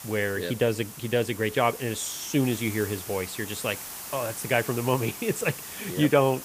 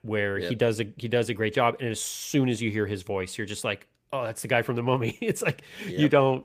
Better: second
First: hiss; loud; throughout; 10 dB below the speech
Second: none

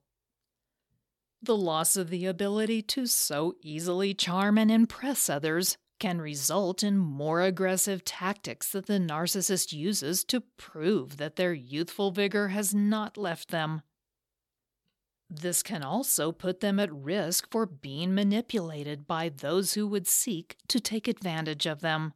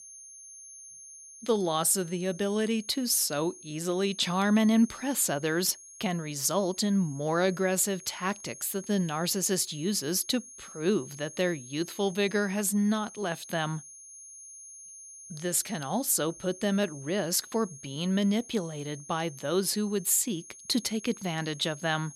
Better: first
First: none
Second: high-pitched whine; noticeable; throughout; 6.5 kHz, 15 dB below the speech

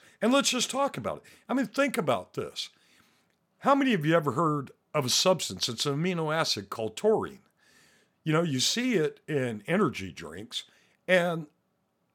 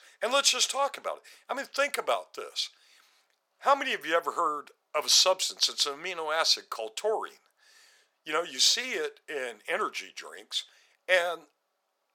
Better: first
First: none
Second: thin; very; fading below 550 Hz

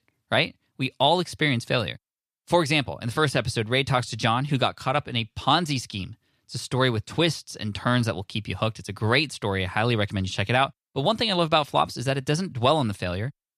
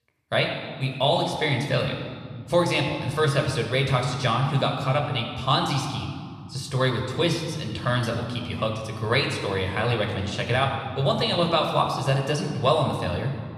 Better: first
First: none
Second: room echo; noticeable; dies away in 1.6 s

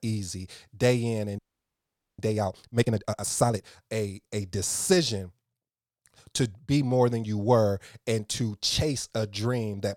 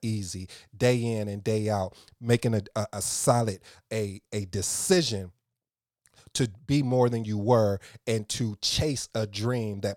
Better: second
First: audio freezing; at 1.5 s for 1 s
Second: none

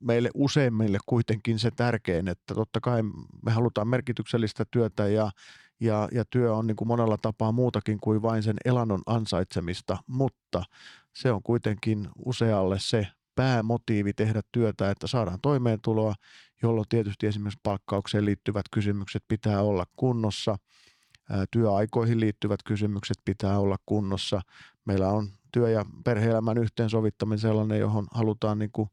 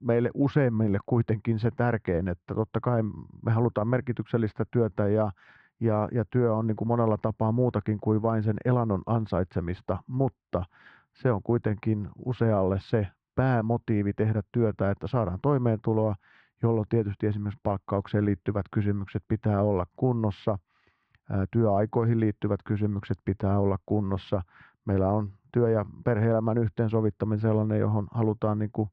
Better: first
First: none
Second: muffled; very; fading above 1.5 kHz

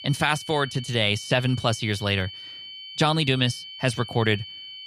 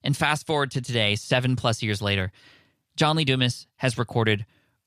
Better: second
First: high-pitched whine; noticeable; throughout; 3 kHz, 15 dB below the speech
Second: none

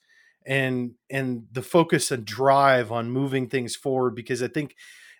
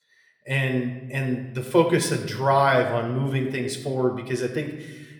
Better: first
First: none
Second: room echo; slight; dies away in 0.9 s

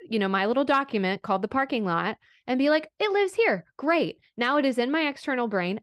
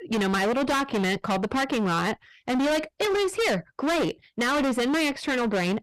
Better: first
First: none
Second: distortion; heavy; 32% of the sound clipped

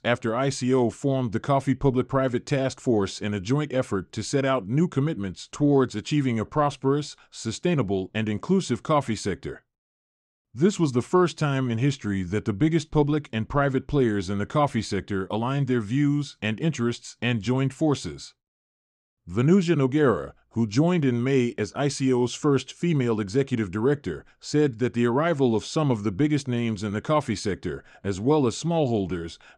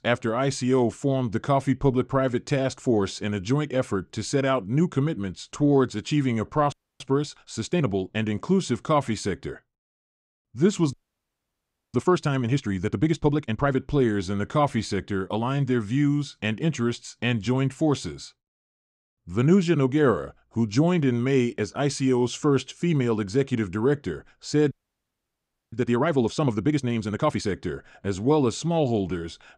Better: first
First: none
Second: audio freezing; at 6.5 s, at 11 s for 1 s and at 25 s for 1 s

